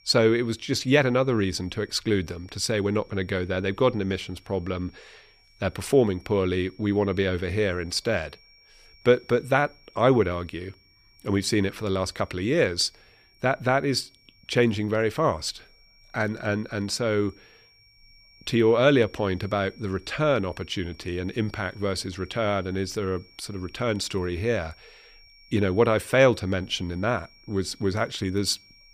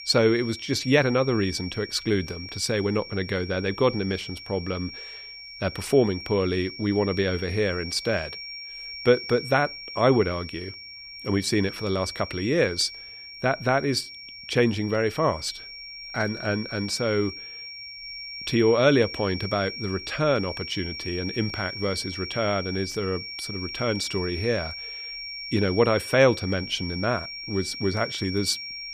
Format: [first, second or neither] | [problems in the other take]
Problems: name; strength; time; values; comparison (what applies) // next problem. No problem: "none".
first | high-pitched whine; loud; throughout; 5.5 kHz, 10 dB below the speech; faint in the first